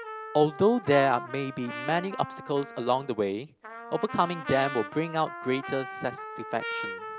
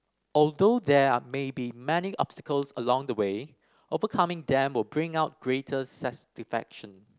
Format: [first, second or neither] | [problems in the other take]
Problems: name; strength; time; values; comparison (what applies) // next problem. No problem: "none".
second | background sound (Trumpet); 10 dB below the speech